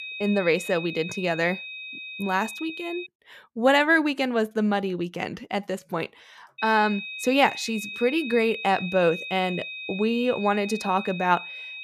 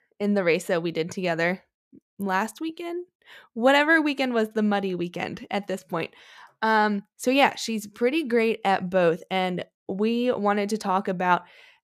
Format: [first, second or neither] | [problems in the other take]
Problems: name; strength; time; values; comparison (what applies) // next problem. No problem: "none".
second | high-pitched whine; loud; until 3 s and from 6.5 s on; 2.5 kHz, 9 dB below the speech